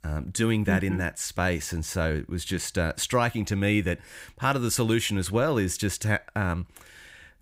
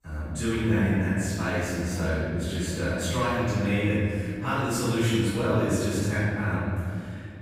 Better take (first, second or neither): first